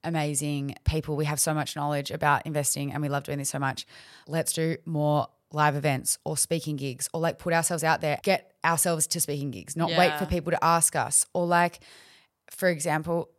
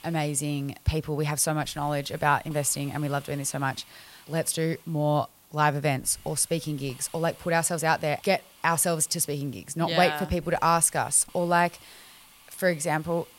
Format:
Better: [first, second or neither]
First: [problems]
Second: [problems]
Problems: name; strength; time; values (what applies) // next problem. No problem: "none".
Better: first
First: none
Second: hiss; faint; throughout; 25 dB below the speech